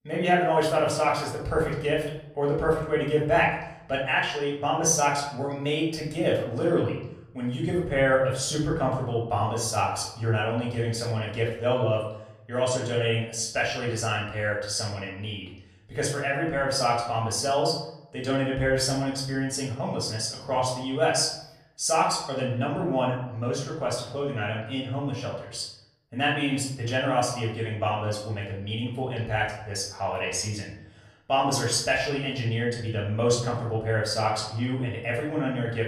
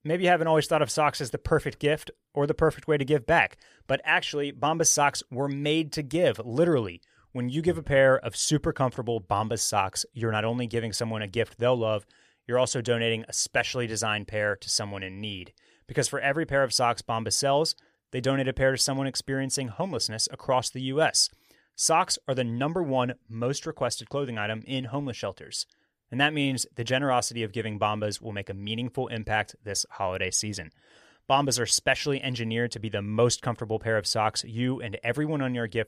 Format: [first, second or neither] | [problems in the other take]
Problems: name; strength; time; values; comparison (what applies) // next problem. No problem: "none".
second | off-mic speech; far // room echo; noticeable; dies away in 0.7 s